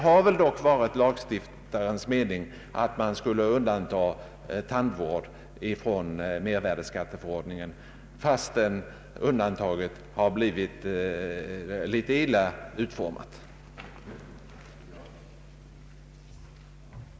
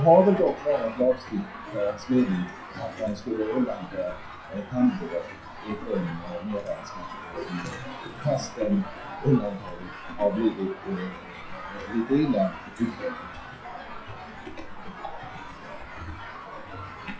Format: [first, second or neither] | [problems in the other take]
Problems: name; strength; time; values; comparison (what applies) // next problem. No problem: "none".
first | noise reduction (classical method WPE with log-MMSE)